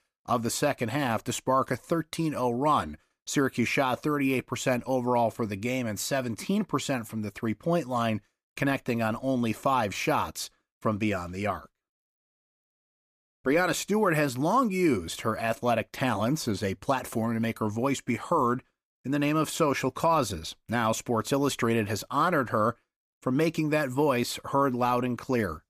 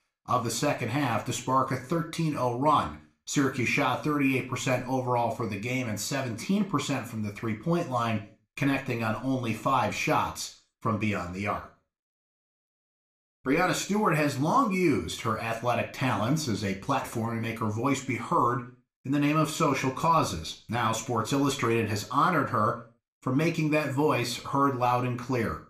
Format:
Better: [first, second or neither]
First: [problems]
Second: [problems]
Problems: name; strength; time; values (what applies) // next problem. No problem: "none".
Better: first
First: none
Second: room echo; very slight; dies away in 0.4 s // off-mic speech; somewhat distant